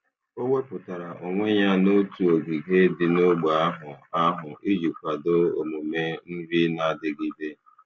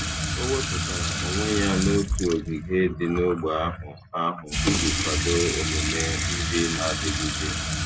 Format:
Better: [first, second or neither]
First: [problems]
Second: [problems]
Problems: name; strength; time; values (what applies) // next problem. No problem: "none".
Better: first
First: none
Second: background sound (Sink (filling or washing) / Water tap, faucet); as loud as the speech